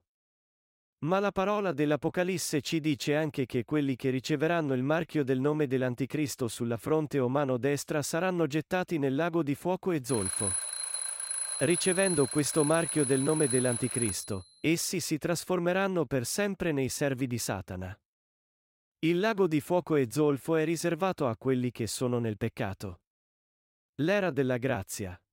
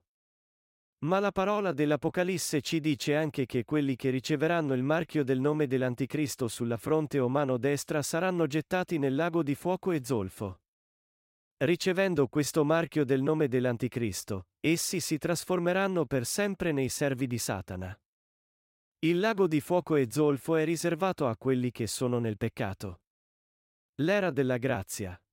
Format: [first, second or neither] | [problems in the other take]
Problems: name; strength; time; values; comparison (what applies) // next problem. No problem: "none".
second | alarm; loud; from 10 to 14 s; peak 1 dB above the speech